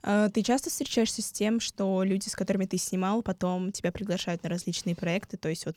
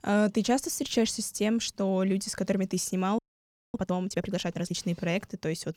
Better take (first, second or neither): first